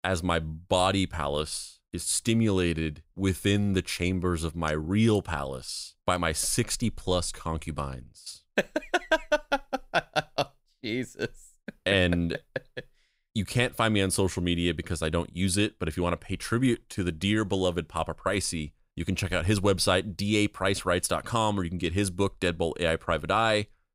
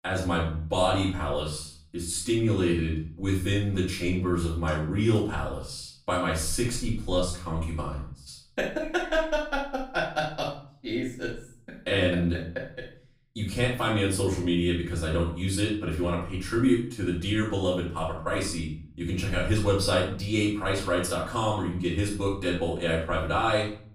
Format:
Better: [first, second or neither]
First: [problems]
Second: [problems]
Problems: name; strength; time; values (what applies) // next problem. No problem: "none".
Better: first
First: none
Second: off-mic speech; far // room echo; noticeable; dies away in 0.5 s